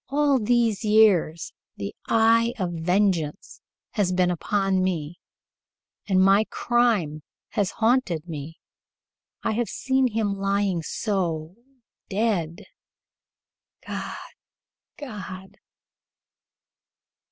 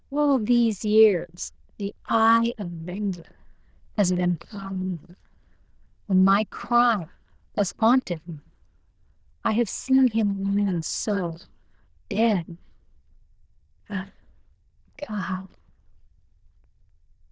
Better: first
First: none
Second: noise reduction (neural diffusion model UNIVERSE++)

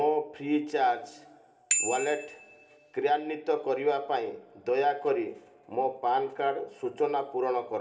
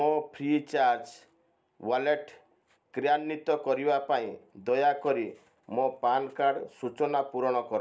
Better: second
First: background sound (Bicycle bell); 6 dB below the speech // room echo; dies away in 2.6 s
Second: none

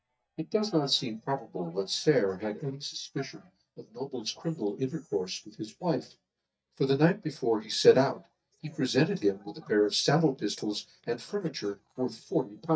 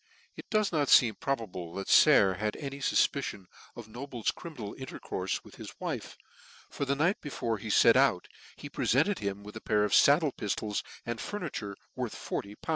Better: second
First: noise reduction (neural mask model DeepFilterNet 3)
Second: none

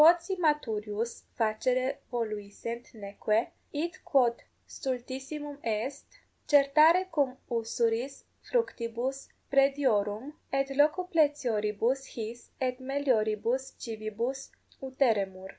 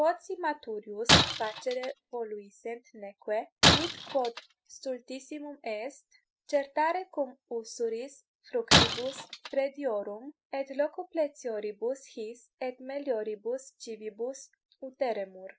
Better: first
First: none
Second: noise reduction (classical method spectral subtraction)

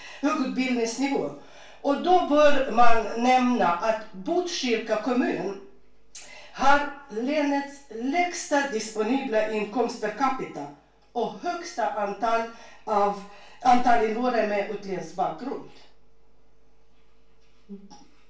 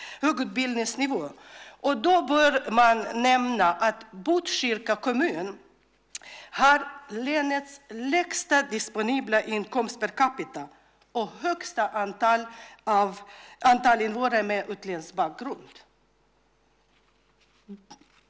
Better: second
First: room echo; dies away in 0.3 s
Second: none

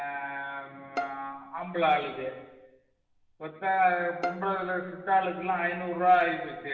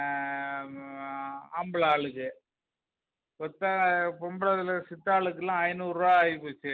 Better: second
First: background sound (Bowed string instrument); 14 dB below the speech // room echo; dies away in 1.2 s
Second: none

